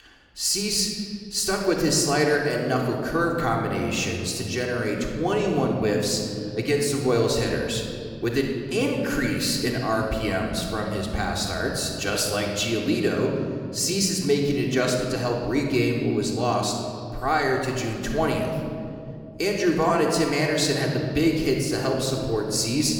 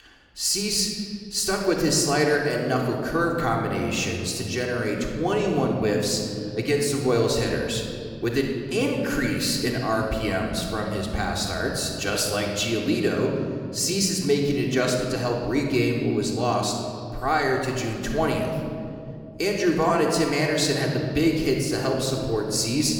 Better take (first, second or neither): neither